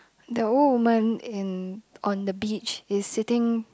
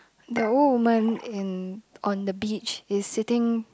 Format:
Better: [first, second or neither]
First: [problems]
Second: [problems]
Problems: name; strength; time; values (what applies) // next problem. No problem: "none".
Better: first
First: none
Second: background sound (Dishes, pots, and pans / Chink, clink); 17 dB below the speech